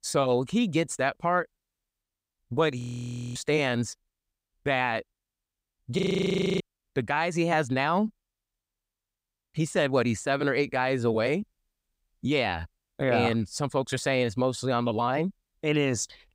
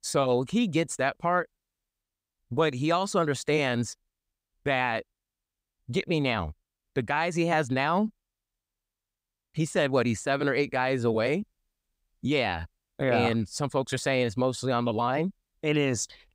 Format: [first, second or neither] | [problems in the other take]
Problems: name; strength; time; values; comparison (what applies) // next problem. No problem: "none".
second | audio freezing; at 3 s for 0.5 s and at 6 s for 0.5 s